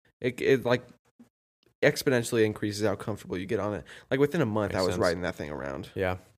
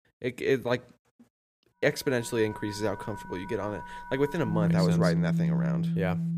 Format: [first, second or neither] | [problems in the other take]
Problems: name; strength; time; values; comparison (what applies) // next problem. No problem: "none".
first | background music; very loud; from 2.5 s on; 3 dB above the speech